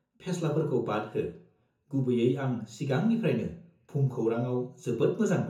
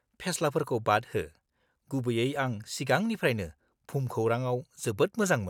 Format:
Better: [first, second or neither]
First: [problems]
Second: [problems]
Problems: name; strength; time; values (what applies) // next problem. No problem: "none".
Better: second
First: room echo; dies away in 0.6 s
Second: none